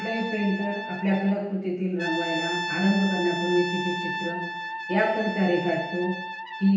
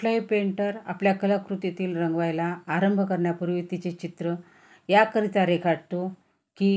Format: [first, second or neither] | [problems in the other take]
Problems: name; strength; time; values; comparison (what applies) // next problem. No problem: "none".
second | background sound (Brass instrument); 7 dB below the speech // room echo; dies away in 0.9 s